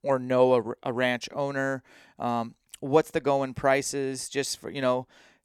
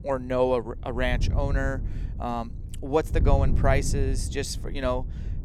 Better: first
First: none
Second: wind noise on the microphone; occasional gusts; 15 dB below the speech

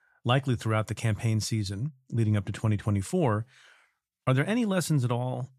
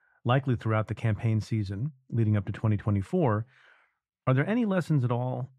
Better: first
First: none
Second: muffled; slightly; fading above 3.5 kHz

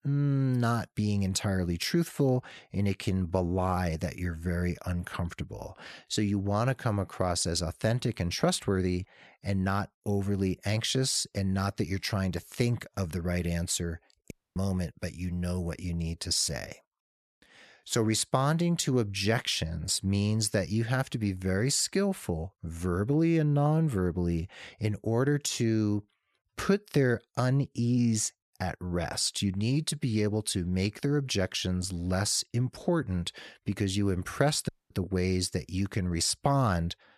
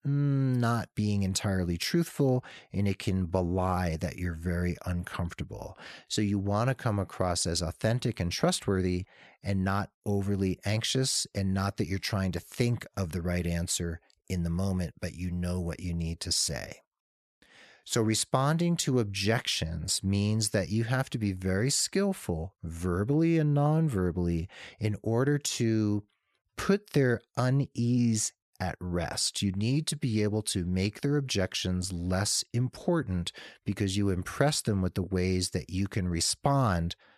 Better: second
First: audio cutting out; at 14 s and at 35 s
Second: none

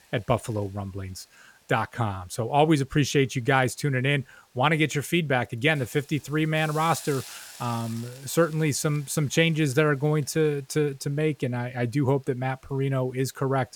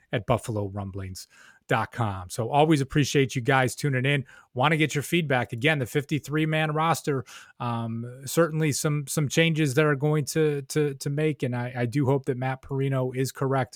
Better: second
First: hiss; noticeable; throughout; 20 dB below the speech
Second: none

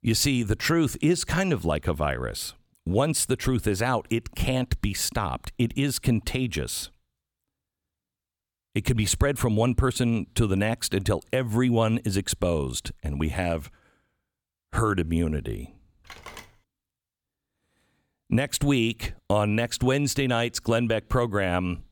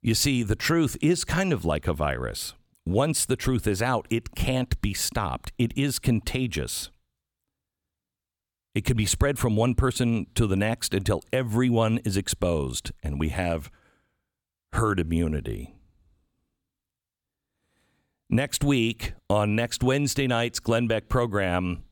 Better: second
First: phone ringing; faint; at 16 s; peak 15 dB below the speech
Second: none

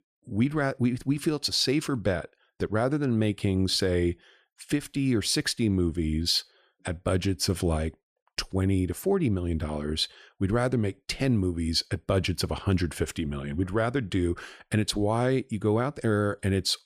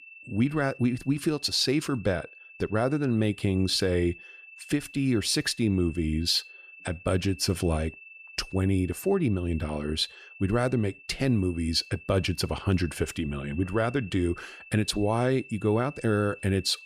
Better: first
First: none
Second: high-pitched whine; noticeable; throughout; 2.5 kHz, 20 dB below the speech

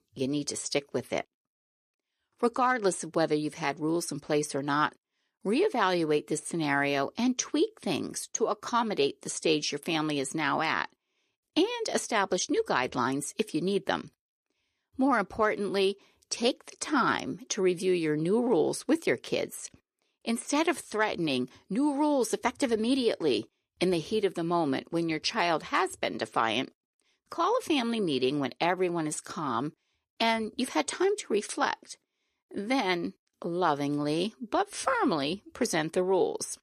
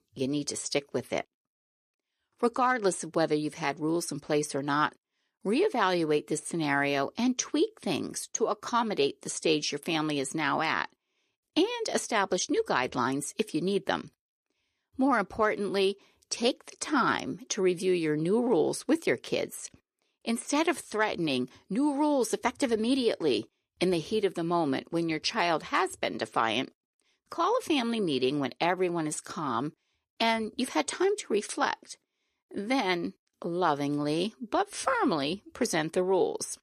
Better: neither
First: none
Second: none

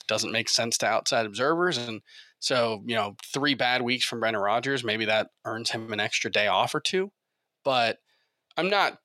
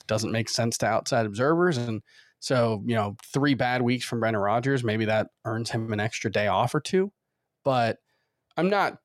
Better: second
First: thin; very slightly; fading below 450 Hz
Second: none

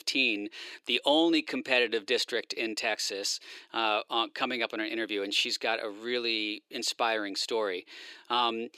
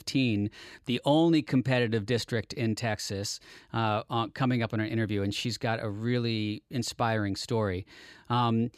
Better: second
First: thin; somewhat; fading below 350 Hz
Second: none

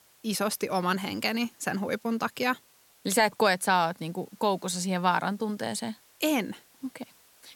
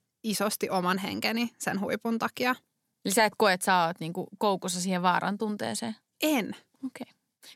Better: second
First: hiss; faint; throughout; 30 dB below the speech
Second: none

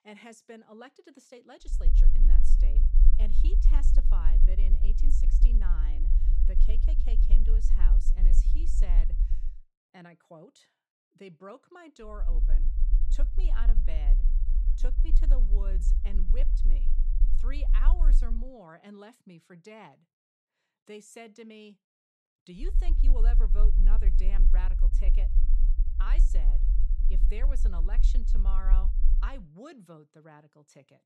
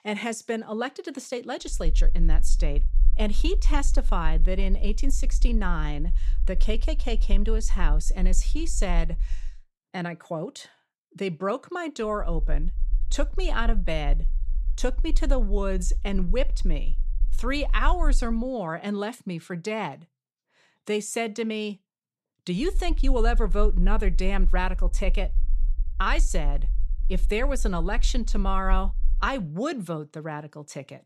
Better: second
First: low rumble; loud; from 2 to 9.5 s, from 12 to 18 s and from 23 to 29 s; 6 dB below the speech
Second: low rumble; faint; from 2 to 9.5 s, from 12 to 18 s and from 23 to 29 s; 25 dB below the speech

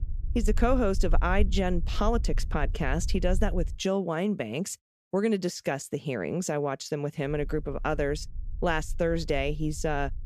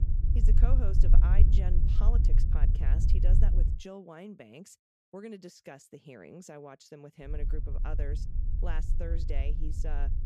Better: first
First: low rumble; faint; until 3.5 s and from 7.5 s on; 25 dB below the speech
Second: low rumble; loud; until 3.5 s and from 7.5 s on; 2 dB below the speech

